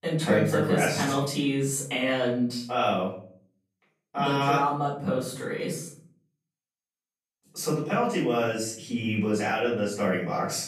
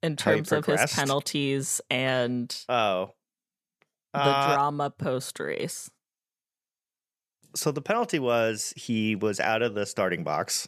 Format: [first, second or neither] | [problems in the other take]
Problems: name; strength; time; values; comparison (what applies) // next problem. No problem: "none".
second | off-mic speech; far // room echo; noticeable; dies away in 0.5 s